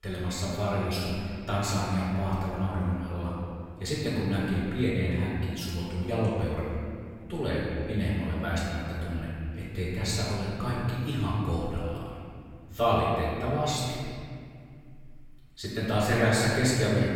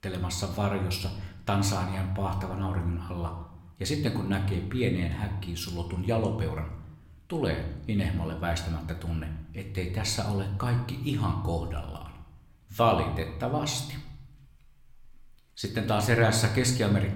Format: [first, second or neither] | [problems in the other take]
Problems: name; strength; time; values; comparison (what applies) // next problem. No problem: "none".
second | room echo; strong; dies away in 2.1 s; slight in the second // off-mic speech; far